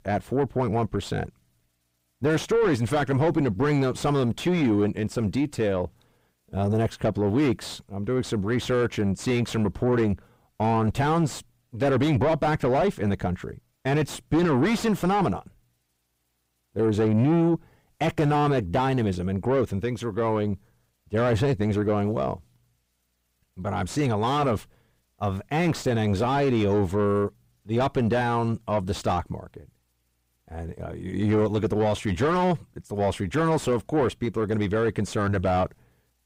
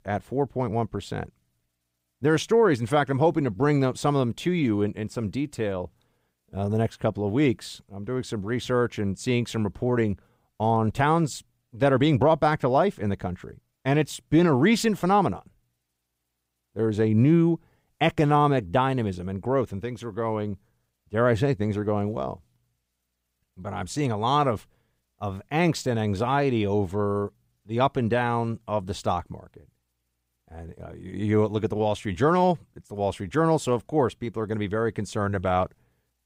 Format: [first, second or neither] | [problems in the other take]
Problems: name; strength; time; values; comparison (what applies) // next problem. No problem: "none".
second | distortion; heavy; 7 dB below the speech